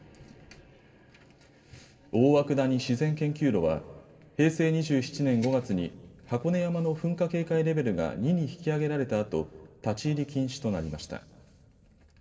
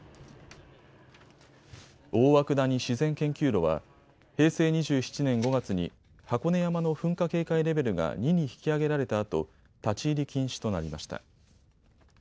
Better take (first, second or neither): second